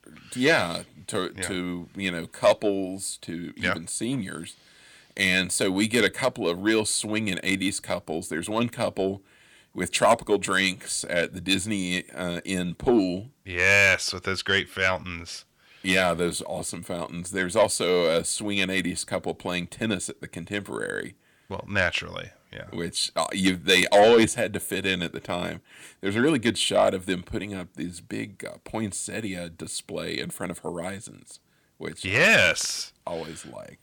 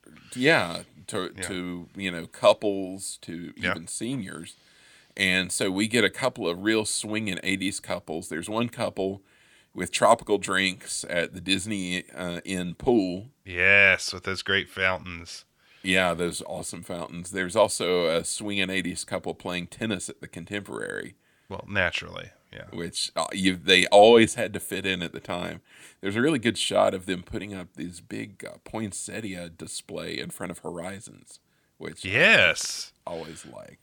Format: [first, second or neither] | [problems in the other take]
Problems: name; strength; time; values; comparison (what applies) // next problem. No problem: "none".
second | distortion; slight; 10 dB below the speech